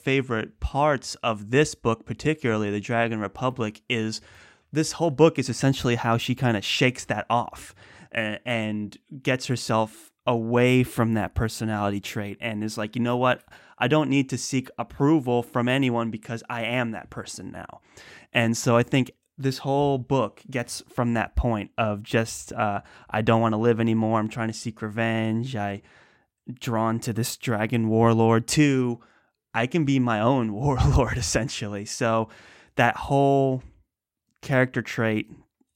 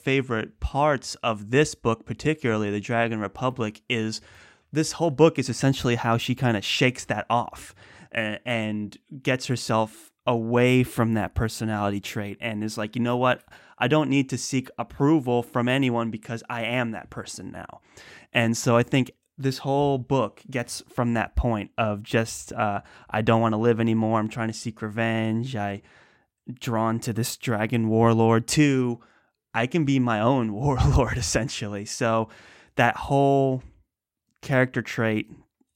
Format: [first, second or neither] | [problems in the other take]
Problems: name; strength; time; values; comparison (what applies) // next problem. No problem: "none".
neither | none